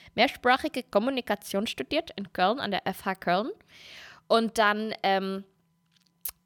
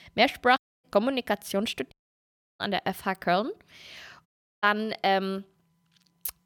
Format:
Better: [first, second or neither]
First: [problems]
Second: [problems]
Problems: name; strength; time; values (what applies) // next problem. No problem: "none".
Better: first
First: none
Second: audio cutting out; at 0.5 s, at 2 s for 0.5 s and at 4.5 s